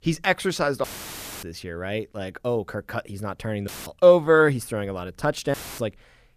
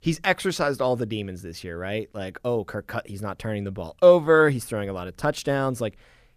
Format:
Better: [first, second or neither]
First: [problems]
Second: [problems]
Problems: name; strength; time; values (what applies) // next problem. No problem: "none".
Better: second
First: audio cutting out; filled with static; at 1 s for 0.5 s, at 3.5 s and at 5.5 s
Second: none